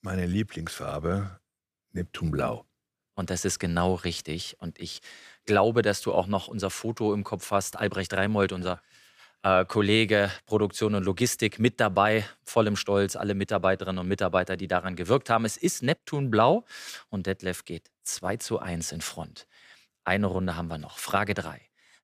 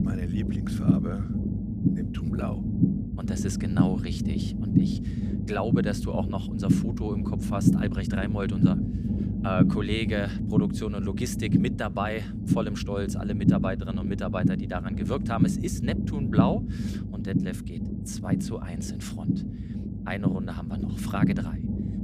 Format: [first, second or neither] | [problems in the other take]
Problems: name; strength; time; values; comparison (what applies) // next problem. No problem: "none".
first | low rumble; loud; throughout; as loud as the speech